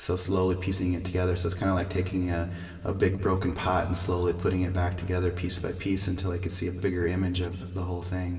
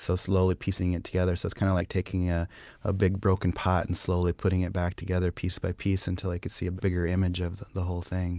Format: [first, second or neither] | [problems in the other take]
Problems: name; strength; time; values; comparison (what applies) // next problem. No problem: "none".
second | room echo; dies away in 2 s